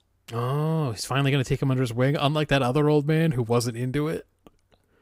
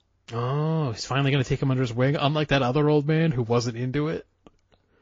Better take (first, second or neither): first